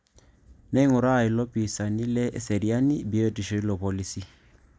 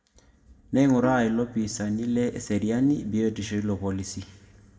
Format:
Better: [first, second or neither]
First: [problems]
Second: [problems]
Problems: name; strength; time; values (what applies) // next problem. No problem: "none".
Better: first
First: none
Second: background sound (Bowed string instrument); 17 dB below the speech // room echo; dies away in 1.1 s